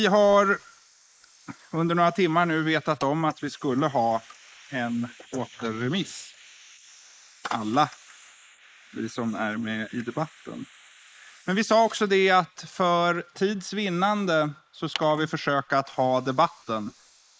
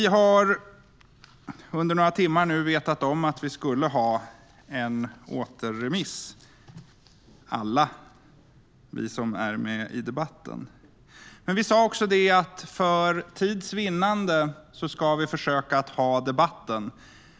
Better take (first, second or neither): second